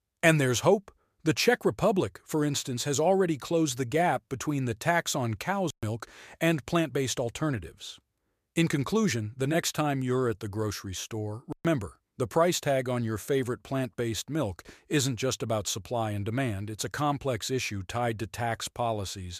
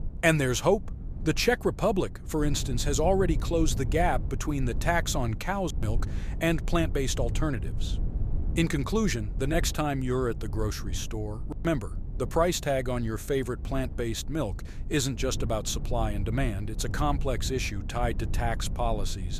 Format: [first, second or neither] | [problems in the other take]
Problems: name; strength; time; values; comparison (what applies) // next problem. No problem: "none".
first | low rumble; noticeable; throughout; 20 dB below the speech